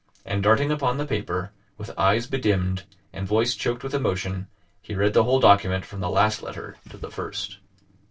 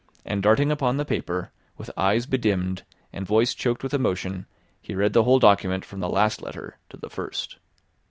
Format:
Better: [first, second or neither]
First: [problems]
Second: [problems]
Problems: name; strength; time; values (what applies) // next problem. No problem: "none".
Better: second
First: noise reduction (neural separator model SepFormer DNS4)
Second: none